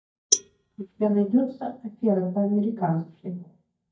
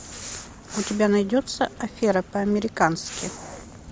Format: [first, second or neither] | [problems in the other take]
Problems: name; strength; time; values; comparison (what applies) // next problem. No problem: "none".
second | noise reduction (neural mask model DeepFilterNet 3)